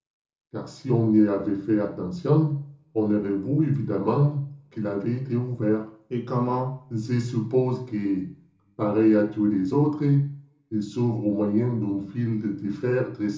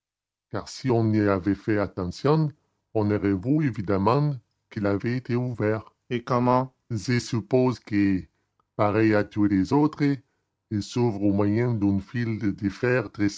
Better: second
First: room echo; dies away in 0.7 s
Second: none

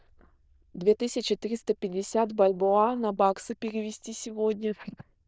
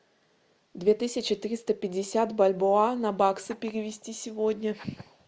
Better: second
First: noise reduction (neural diffusion model UNIVERSE++)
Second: none

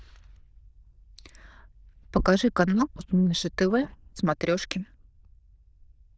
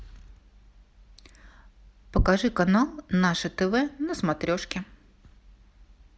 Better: second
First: noise reduction (neural diffusion model UNIVERSE++)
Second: none

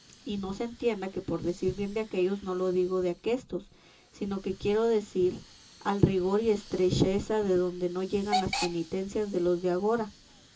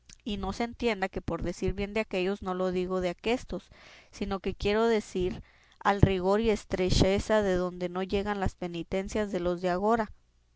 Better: second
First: background sound (Hiss / Alarm / Train); 14 dB below the speech // room echo; dies away in 0.2 s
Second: none

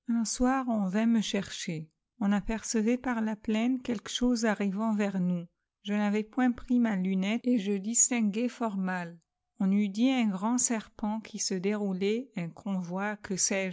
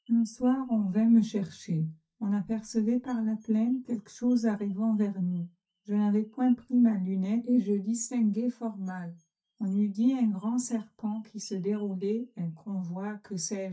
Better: first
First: none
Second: noise reduction (neural mask model DeepFilterNet 3)

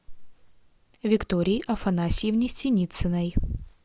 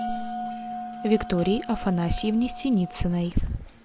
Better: first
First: none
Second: background sound (Bell); 10 dB below the speech

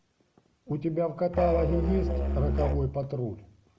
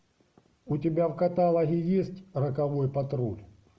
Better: second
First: background sound (Musical instrument); 1 dB above the speech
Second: none

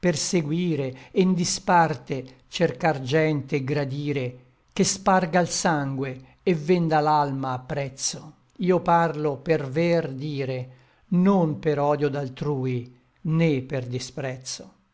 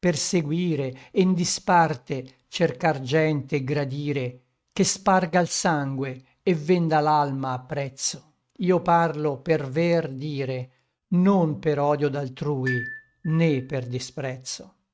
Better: first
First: none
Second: noise reduction (neural mask model RNNoise)

